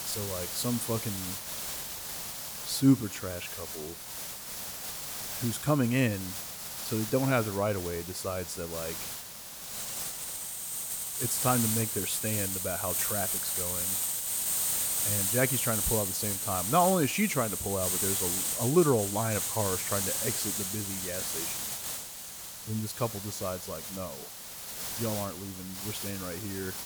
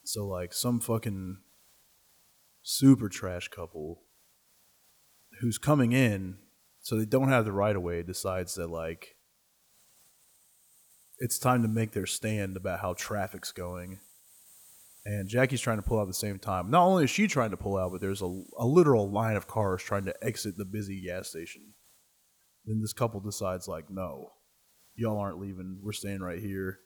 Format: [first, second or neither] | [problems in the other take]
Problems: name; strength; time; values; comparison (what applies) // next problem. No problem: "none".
second | hiss; loud; throughout; as loud as the speech; faint in the second